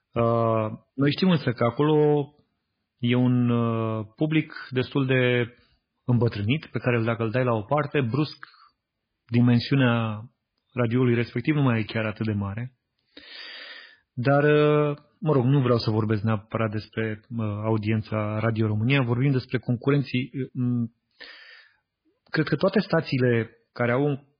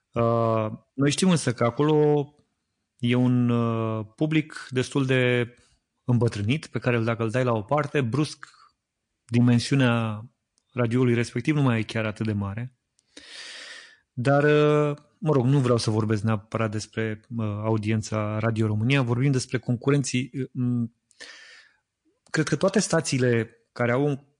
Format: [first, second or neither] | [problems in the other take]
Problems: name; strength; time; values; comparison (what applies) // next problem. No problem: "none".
second | garbled, watery; badly; nothing above 5 kHz; slightly in the second